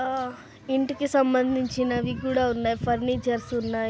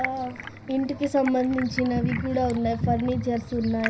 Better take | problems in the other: first | background sound (Stream); 13 dB below the speech // room echo; dies away in 0.4 s

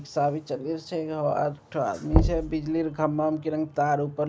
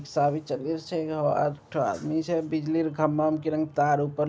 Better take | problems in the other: second | background sound (Knock); 2 dB below the speech

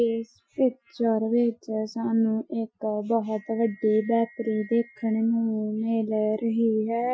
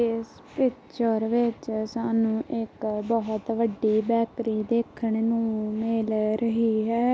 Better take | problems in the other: second | noise reduction (classical method Wiener filter)

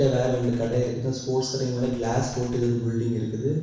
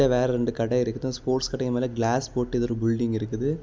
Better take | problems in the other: second | background sound (Gunshot, gunfire); 20 dB below the speech // room echo; dies away in 1.1 s

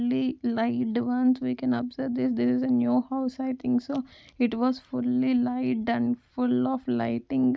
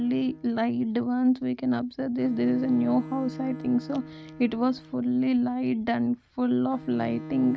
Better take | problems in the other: first | background sound (Bowed string instrument); 17 dB below the speech

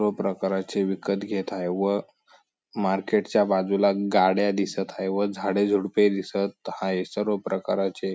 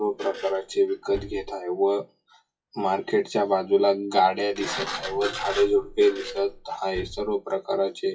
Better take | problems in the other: first | noise reduction (classical method WPE with log-MMSE)

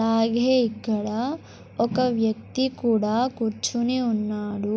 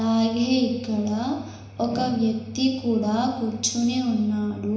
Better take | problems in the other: first | room echo; dies away in 1 s

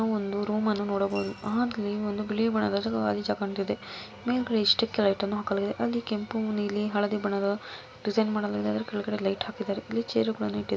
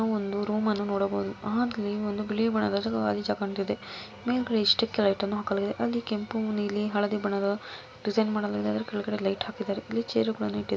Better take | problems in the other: second | background sound (Coin (dropping) / Glass); 19 dB below the speech

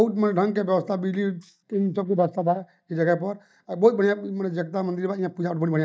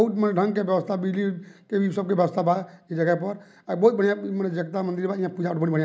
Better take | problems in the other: second | noise reduction (neural mask model DeepFilterNet 3)

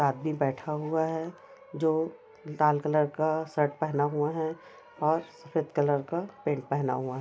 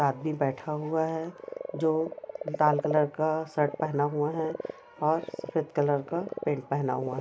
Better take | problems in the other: first | background sound (Frog); 11 dB below the speech

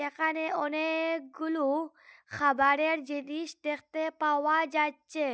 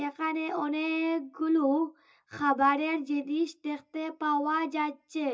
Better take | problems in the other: first | room echo; dies away in 0.2 s

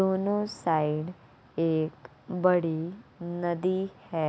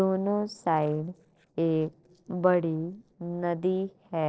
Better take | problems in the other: first | noise reduction (neural separator model SepFormer DNS4)

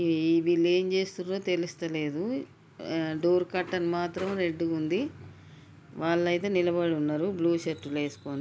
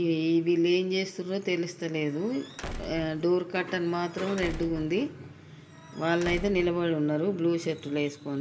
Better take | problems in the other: first | background sound (Squeak / Slam / Wood); 13 dB below the speech // room echo; dies away in 1.2 s

